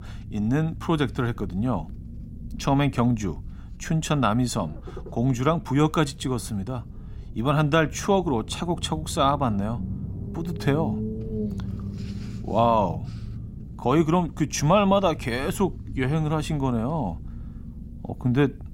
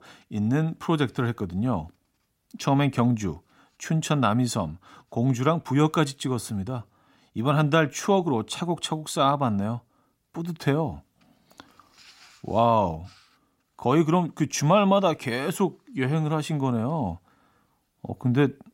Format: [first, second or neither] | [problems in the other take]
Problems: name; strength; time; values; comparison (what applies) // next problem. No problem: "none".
second | low rumble; noticeable; throughout; 20 dB below the speech